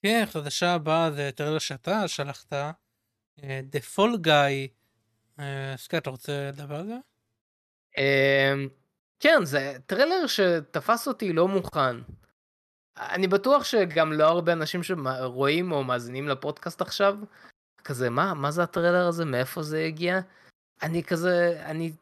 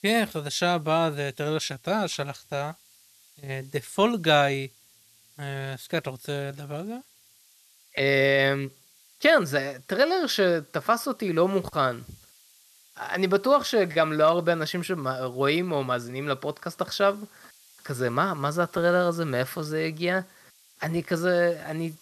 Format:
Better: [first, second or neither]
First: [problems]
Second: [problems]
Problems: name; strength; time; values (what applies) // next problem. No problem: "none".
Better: first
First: none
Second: hiss; faint; throughout; 30 dB below the speech